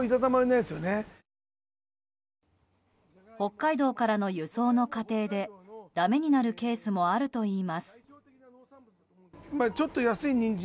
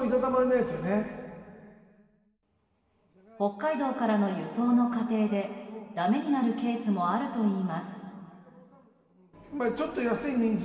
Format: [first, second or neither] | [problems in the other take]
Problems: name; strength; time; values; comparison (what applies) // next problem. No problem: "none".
first | room echo; dies away in 2.2 s